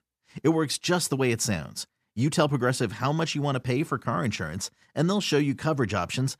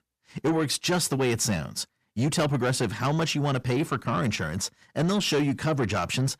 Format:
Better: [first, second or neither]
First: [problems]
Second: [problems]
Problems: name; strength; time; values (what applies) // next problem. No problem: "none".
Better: first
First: none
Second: distortion; slight; 10 dB below the speech